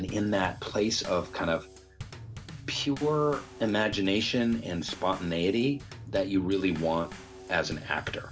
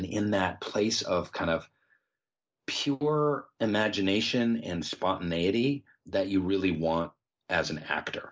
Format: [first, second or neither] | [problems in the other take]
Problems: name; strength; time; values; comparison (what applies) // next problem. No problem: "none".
second | background sound (Bass drum / Snare drum / Drum kit); 15 dB below the speech